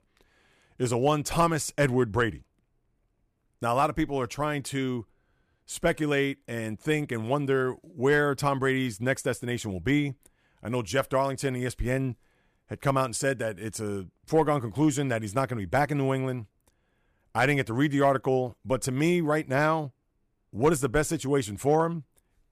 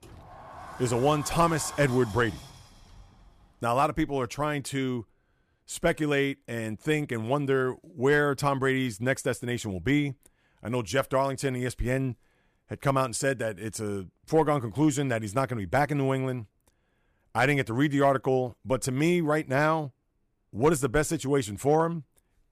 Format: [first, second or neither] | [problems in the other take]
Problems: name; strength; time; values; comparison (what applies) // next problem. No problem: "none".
first | door banging; faint; until 3.5 s; peak 10 dB below the speech